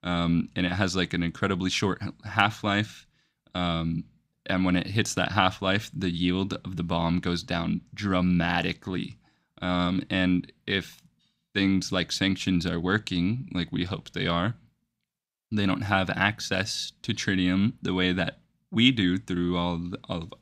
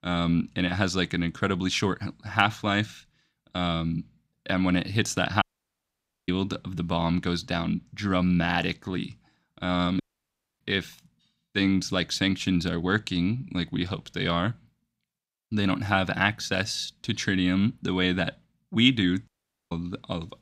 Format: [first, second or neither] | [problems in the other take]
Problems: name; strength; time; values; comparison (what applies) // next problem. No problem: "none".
first | audio cutting out; at 5.5 s for 1 s, at 10 s for 0.5 s and at 19 s